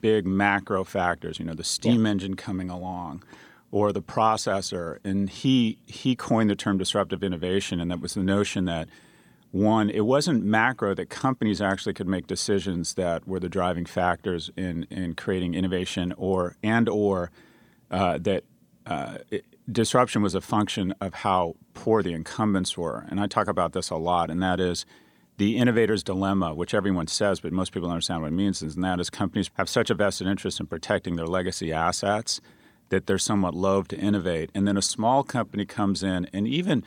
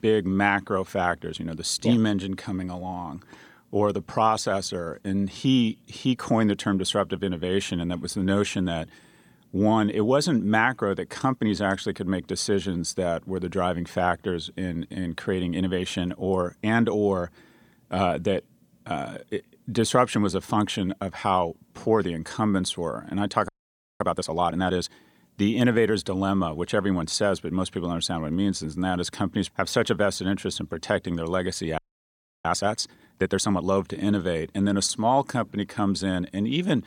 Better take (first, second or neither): first